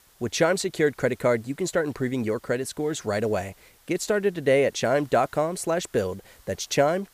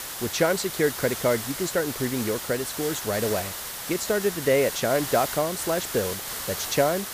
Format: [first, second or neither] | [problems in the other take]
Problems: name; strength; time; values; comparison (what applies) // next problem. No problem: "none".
first | hiss; loud; throughout; 5 dB below the speech; faint in the first